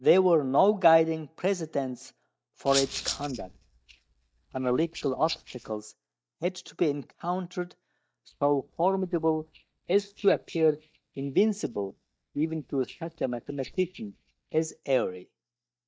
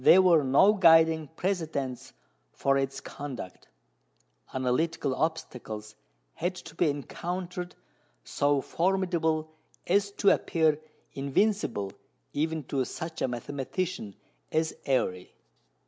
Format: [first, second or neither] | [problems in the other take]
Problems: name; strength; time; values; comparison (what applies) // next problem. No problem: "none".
second | noise reduction (neural mask model DeepFilterNet 3)